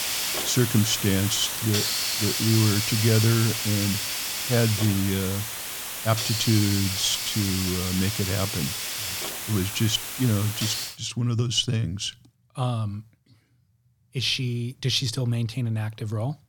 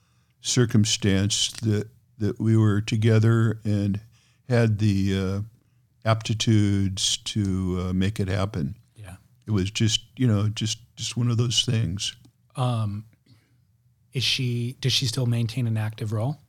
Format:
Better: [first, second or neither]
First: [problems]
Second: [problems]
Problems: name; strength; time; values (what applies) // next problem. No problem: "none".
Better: second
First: hiss; loud; until 11 s; 1 dB below the speech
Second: none